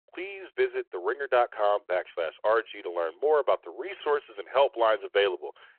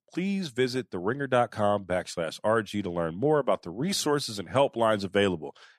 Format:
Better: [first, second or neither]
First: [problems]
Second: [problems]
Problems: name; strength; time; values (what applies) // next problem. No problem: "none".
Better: second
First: phone-call audio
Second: none